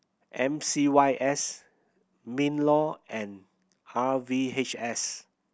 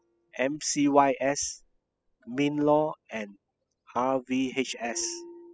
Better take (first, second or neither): first